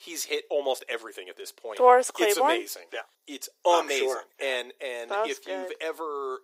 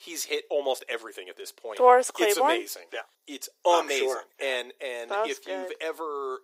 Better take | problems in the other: neither | thin; very; fading below 350 Hz; the same in both

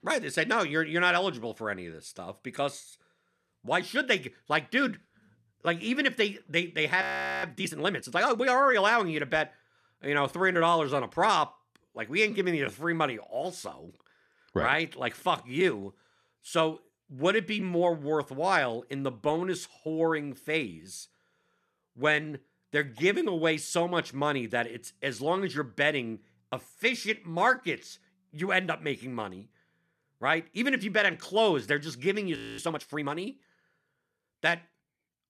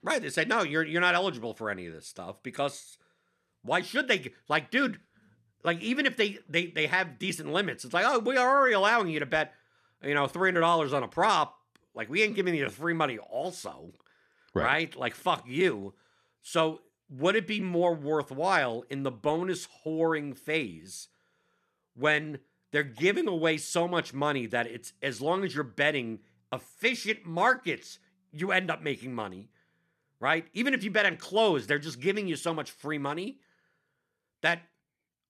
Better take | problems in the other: second | audio freezing; at 7 s and at 32 s

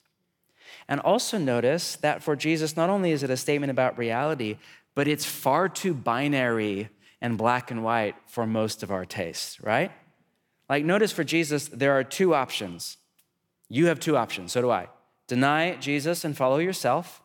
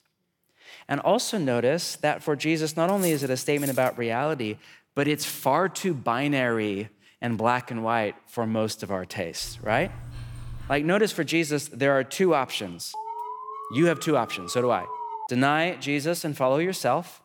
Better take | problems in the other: first | clattering dishes; noticeable; from 3 to 4 s; peak 7 dB below the speech // dog barking; faint; from 9.5 to 11 s; peak 15 dB below the speech // alarm; noticeable; from 13 to 15 s; peak 8 dB below the speech

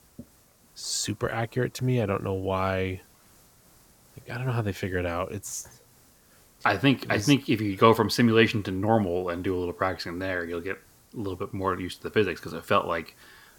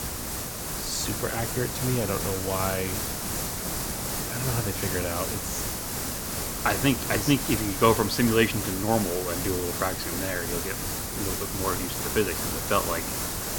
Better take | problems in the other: first | hiss; loud; throughout; 1 dB below the speech; faint in the first

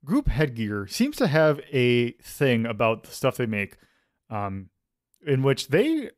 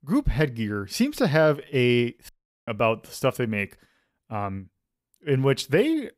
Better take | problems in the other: first | audio cutting out; at 2.5 s

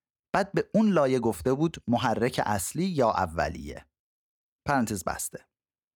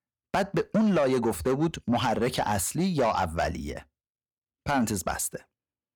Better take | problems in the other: first | distortion; slight; 10 dB below the speech

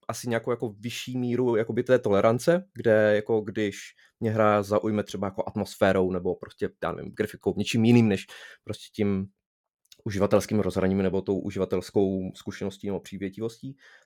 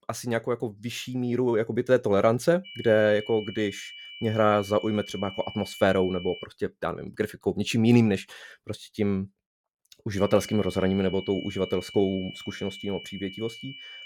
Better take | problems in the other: first | high-pitched whine; noticeable; from 2.5 to 6.5 s and from 10 s on; 3 kHz, 15 dB below the speech

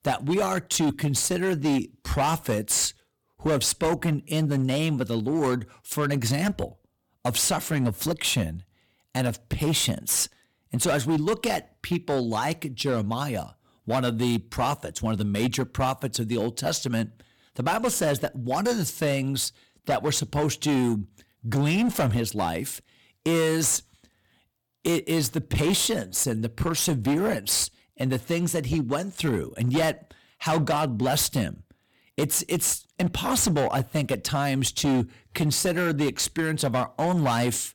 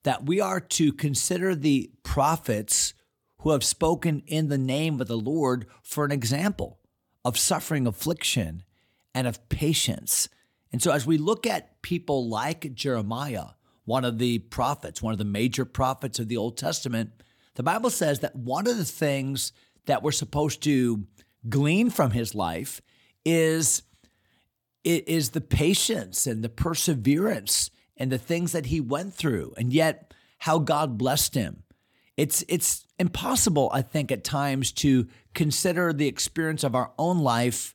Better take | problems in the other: second | distortion; slight; 11% of the sound clipped

